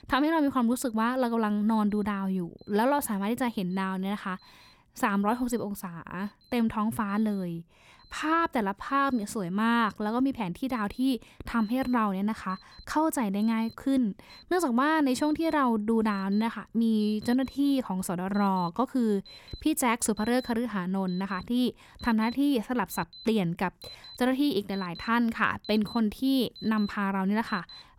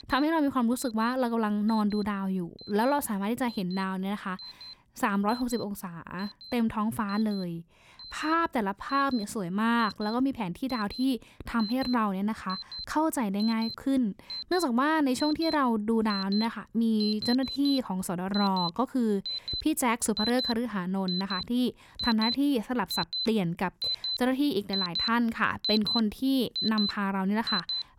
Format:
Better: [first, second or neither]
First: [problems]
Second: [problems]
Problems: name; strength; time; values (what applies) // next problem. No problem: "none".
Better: first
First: alarms or sirens; faint; throughout; 20 dB below the speech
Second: alarms or sirens; loud; throughout; 6 dB below the speech